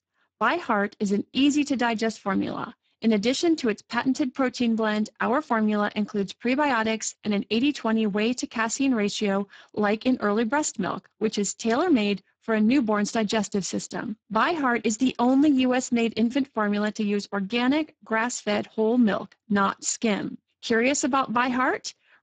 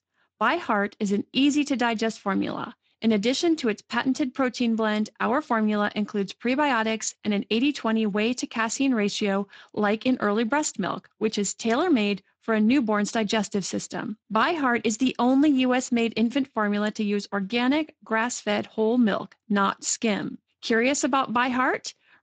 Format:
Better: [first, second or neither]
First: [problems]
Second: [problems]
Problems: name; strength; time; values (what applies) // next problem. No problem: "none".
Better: second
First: garbled, watery; badly; nothing above 7.5 kHz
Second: garbled, watery; slightly; nothing above 7.5 kHz